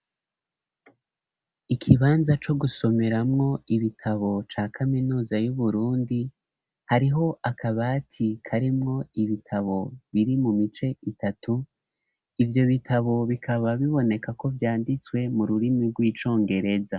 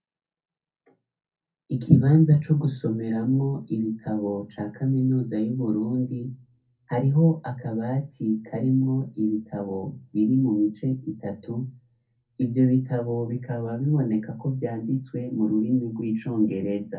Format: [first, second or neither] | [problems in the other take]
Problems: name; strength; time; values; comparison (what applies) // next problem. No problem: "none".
first | room echo; dies away in 0.3 s